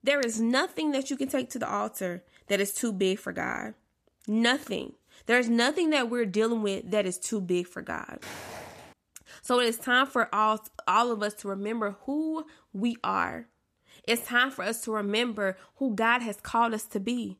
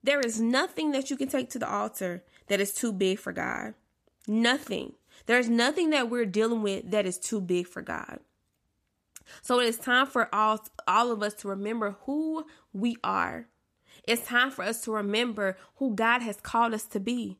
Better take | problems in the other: second | footsteps; faint; at 8 s; peak 10 dB below the speech

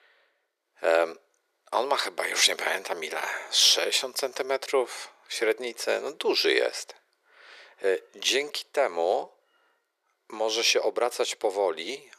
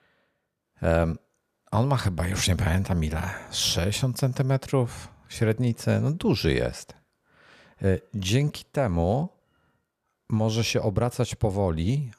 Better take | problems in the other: second | thin; very; fading below 350 Hz

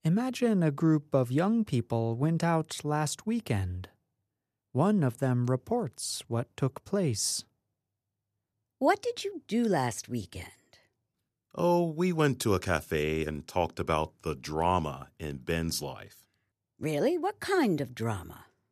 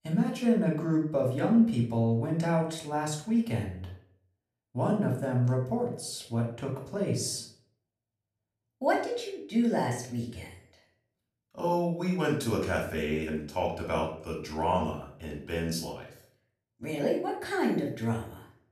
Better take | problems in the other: first | off-mic speech; far // room echo; slight; dies away in 0.4 s

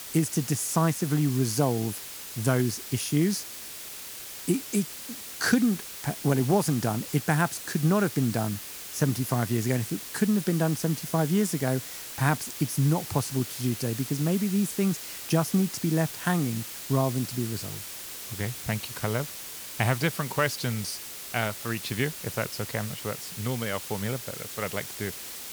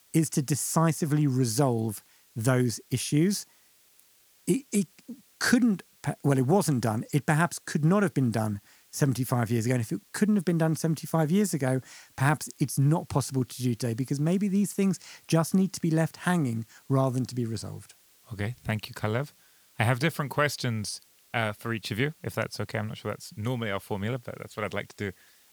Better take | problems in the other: second | hiss; loud; throughout; 8 dB below the speech; faint in the second

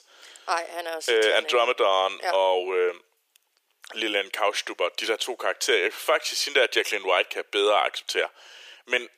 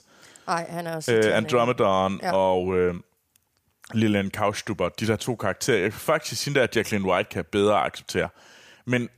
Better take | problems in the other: second | thin; very; fading below 350 Hz

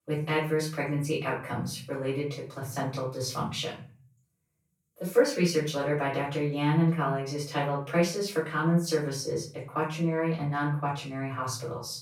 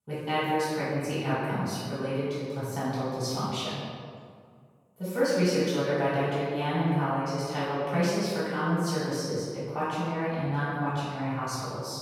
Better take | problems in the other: first | room echo; strong; dies away in 1.7 s; slight in the first // off-mic speech; far; far in the first

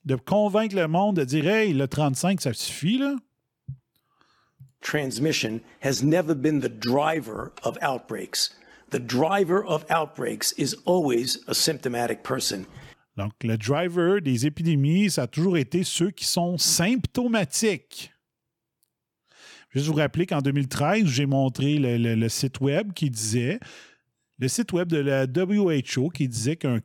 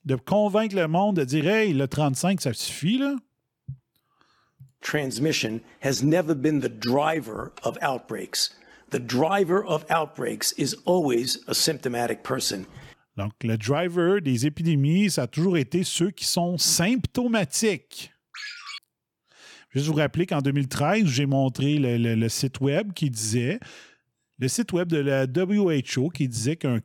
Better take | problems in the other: first | phone ringing; faint; at 18 s; peak 10 dB below the speech

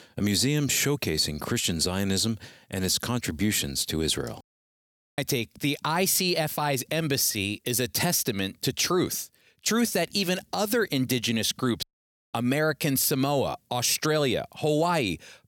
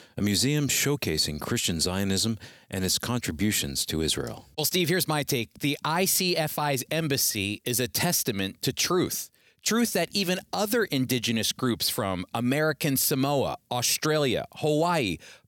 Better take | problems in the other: second | audio cutting out; at 4.5 s for 1 s and at 12 s for 0.5 s

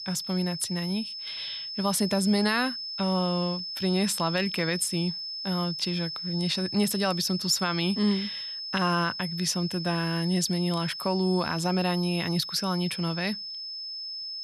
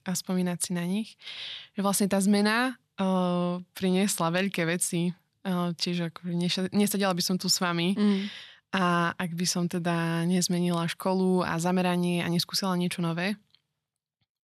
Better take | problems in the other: second | high-pitched whine; loud; throughout; 5 kHz, 6 dB below the speech

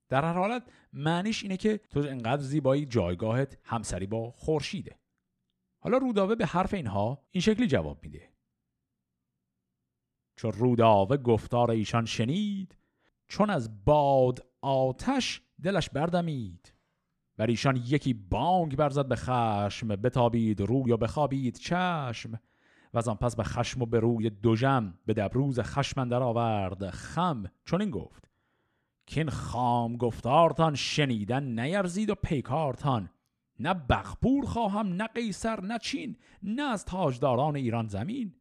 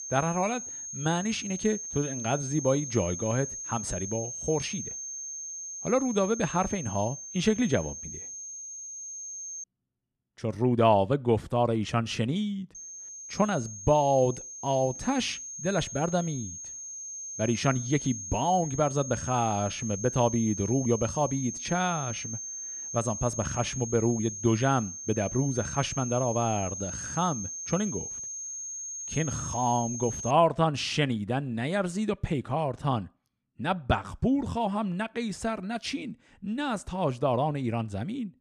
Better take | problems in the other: first | high-pitched whine; loud; until 9.5 s and from 13 to 30 s; 6.5 kHz, 7 dB below the speech

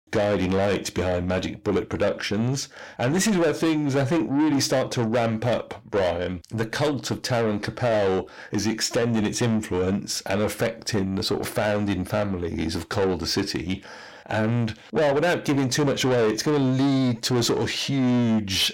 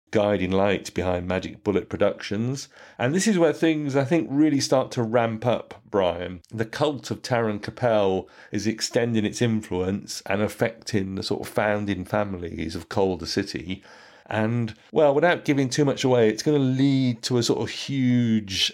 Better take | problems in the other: second | distortion; heavy; 8 dB below the speech

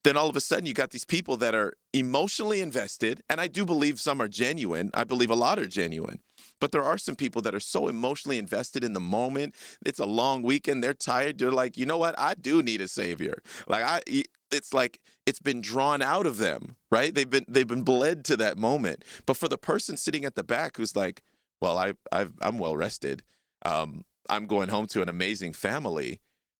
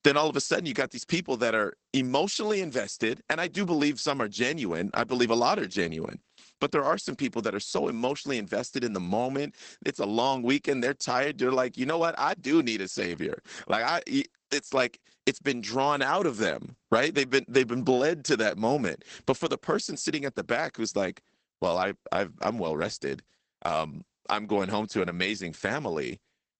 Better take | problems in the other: first | garbled, watery; badly; nothing above 8 kHz; slightly in the first

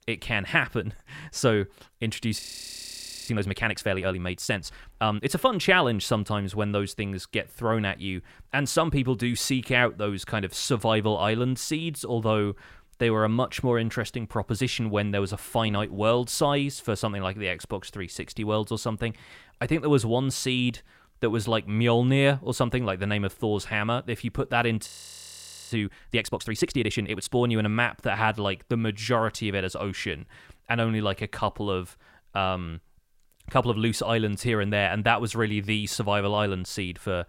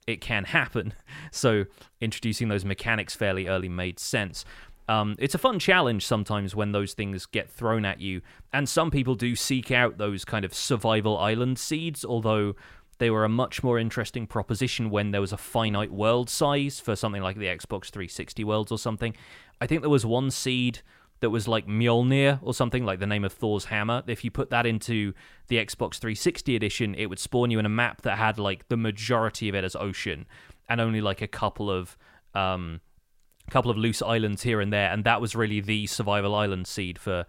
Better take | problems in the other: second | audio freezing; at 2.5 s for 1 s and at 25 s for 1 s

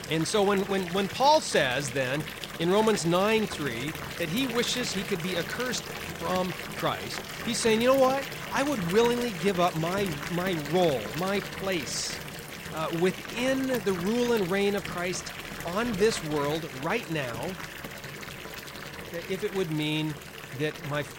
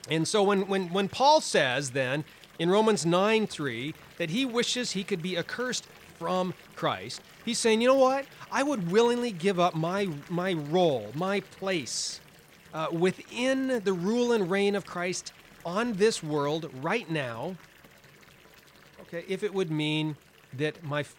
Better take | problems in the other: second | household noises; loud; throughout; 9 dB below the speech; faint in the second

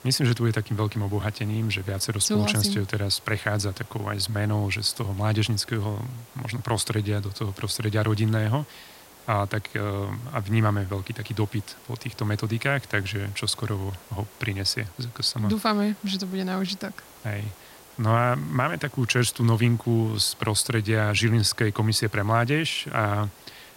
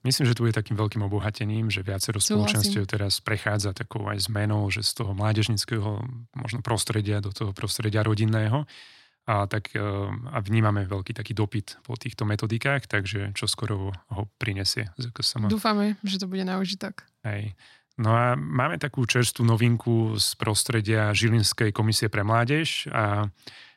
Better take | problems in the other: second | hiss; faint; throughout; 20 dB below the speech

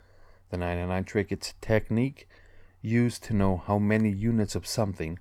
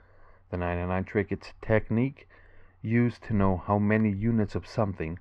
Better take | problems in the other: first | muffled; very; fading above 2 kHz

